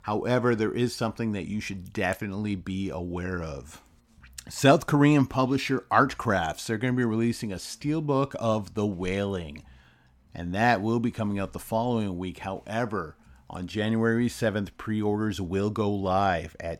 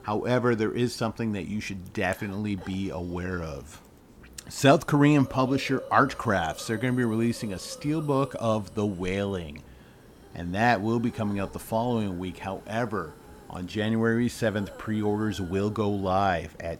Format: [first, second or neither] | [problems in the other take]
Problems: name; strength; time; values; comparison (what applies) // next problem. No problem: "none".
first | hiss; faint; throughout; 20 dB below the speech